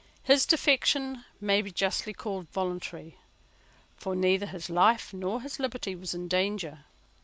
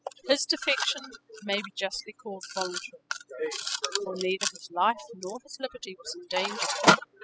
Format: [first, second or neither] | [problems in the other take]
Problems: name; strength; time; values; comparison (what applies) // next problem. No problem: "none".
first | noise reduction (classical method spectral subtraction)